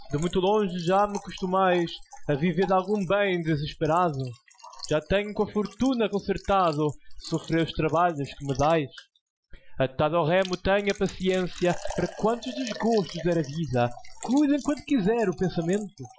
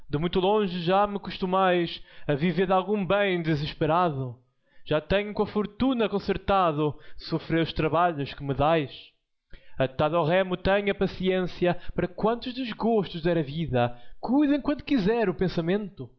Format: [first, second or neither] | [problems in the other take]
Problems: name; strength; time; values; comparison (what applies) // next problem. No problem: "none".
second | noise reduction (classical method Wiener filter)